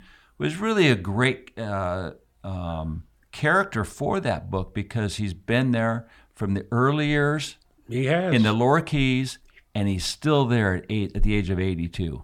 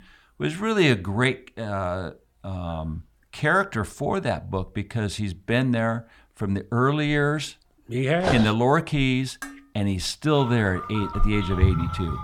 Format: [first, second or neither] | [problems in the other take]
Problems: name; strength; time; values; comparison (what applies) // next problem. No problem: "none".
first | dog barking; noticeable; at 8 s; peak 3 dB below the speech // clattering dishes; faint; at 9.5 s; peak 15 dB below the speech // phone ringing; loud; from 11 s on; peak 1 dB above the speech